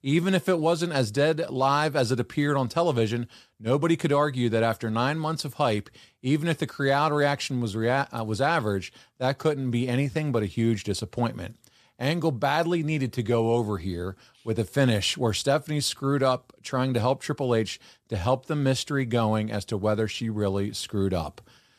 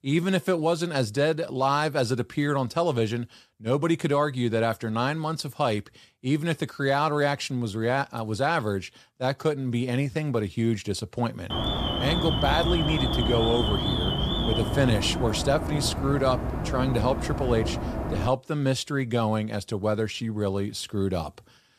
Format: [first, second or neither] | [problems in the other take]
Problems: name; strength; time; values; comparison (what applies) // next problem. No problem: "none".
first | alarm; loud; from 12 to 18 s; peak 1 dB above the speech